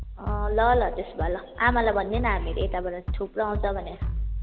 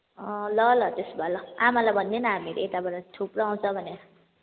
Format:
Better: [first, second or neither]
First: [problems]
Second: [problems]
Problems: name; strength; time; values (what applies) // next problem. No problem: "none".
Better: second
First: background sound (Bass drum); 3 dB below the speech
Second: none